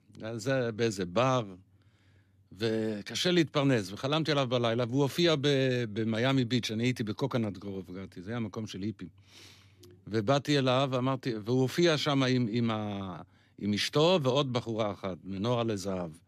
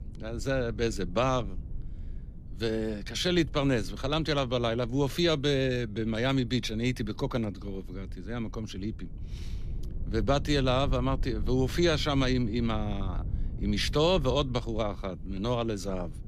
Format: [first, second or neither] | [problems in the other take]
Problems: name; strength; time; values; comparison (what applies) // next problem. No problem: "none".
first | low rumble; faint; throughout; 25 dB below the speech